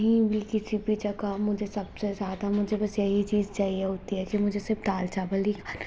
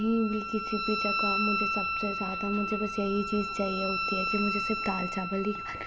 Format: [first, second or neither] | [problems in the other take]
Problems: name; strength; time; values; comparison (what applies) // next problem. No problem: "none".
first | background sound (Wind instrument, woodwind instrument); 1 dB below the speech